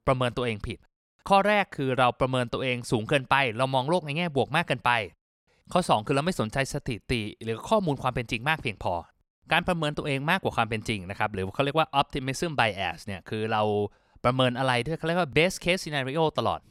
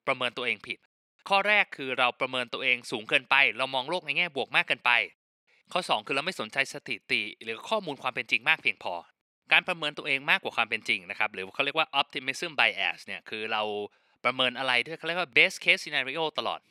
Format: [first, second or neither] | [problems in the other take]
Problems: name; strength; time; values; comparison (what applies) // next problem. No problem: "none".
first | thin; somewhat; fading below 250 Hz